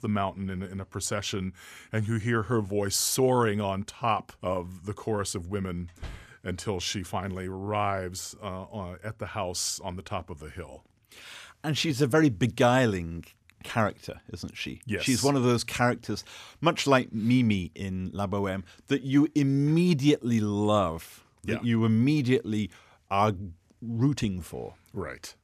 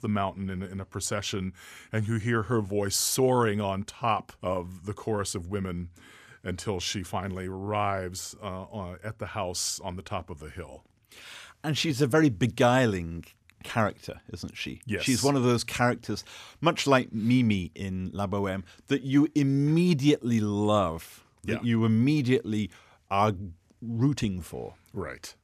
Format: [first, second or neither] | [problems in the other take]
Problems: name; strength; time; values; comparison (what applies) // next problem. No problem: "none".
second | door banging; faint; at 6 s; peak 15 dB below the speech